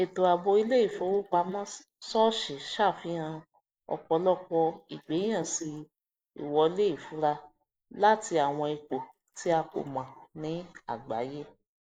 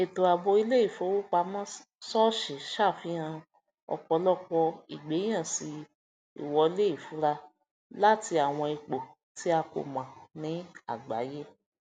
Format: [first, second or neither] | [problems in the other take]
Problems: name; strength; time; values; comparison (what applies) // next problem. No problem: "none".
second | noise reduction (neural mask model Resemble Enhance denoiser)